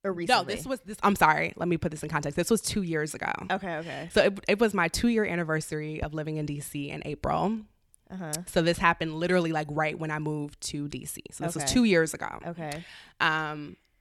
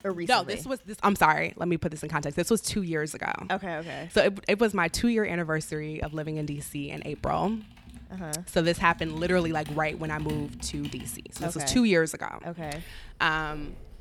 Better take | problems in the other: first | household noises; noticeable; throughout; 20 dB below the speech

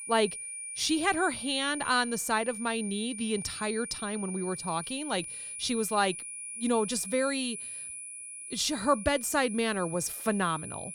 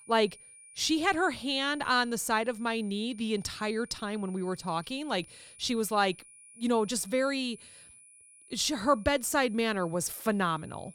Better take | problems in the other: second | high-pitched whine; loud; throughout; 9.5 kHz, 8 dB below the speech; faint in the second

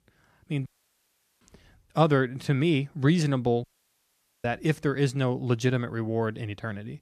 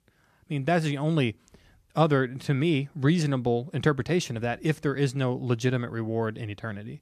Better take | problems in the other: second | audio cutting out; at 0.5 s for 0.5 s and at 3.5 s for 1 s

